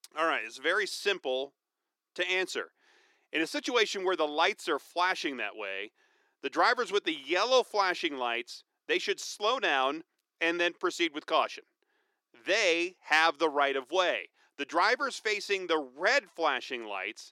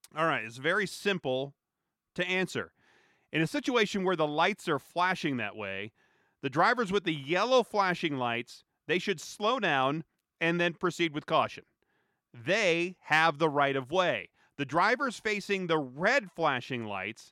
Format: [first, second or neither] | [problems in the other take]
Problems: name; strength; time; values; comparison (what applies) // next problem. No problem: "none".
second | thin; somewhat; fading below 350 Hz